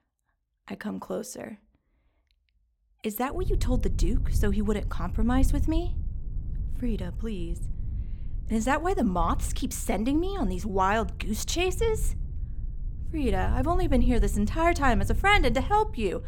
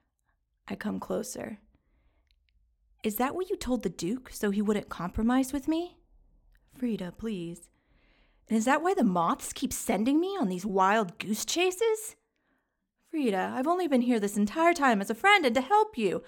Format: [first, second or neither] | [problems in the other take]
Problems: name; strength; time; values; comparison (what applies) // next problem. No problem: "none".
second | low rumble; faint; from 3.5 s on; 20 dB below the speech